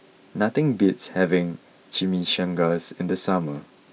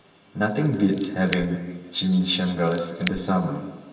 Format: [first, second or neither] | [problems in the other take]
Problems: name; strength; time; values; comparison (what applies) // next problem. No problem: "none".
first | background sound (Scissors); 15 dB below the speech // room echo; dies away in 1.3 s